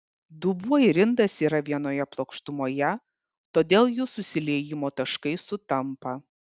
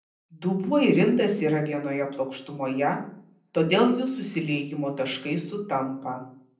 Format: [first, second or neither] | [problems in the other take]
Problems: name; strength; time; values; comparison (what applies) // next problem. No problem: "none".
first | room echo; dies away in 0.6 s